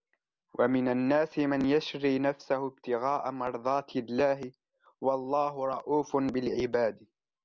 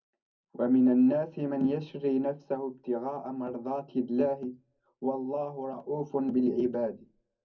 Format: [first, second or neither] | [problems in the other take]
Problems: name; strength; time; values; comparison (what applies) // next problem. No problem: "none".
first | room echo; dies away in 0.3 s